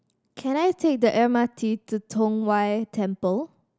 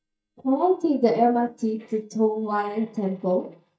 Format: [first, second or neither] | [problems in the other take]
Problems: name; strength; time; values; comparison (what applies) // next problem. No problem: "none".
first | noise reduction (neural mask model DeepFilterNet 3)